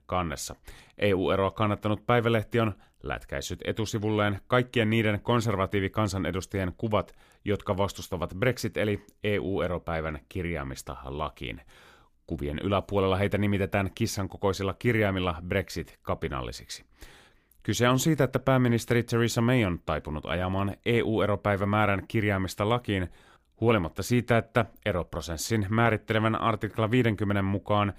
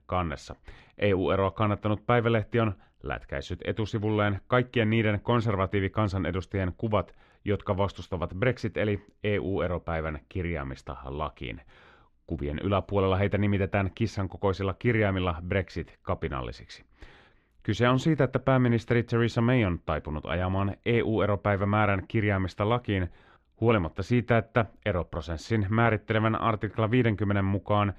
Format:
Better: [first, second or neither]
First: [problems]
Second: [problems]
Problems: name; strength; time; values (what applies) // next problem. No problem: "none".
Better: first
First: none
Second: muffled; slightly; fading above 3 kHz